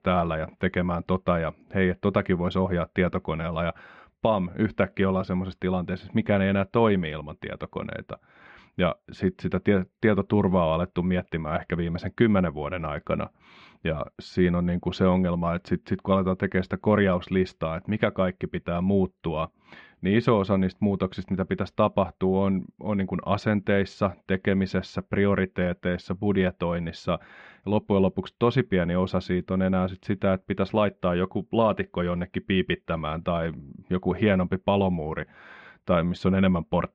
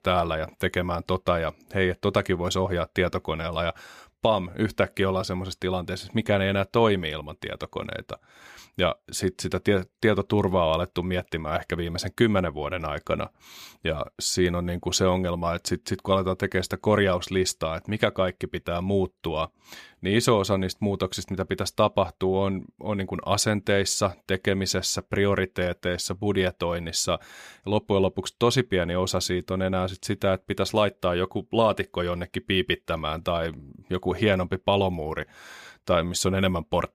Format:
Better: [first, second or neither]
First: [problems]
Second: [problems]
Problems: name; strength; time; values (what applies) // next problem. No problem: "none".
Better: second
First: muffled; very; fading above 2.5 kHz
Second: none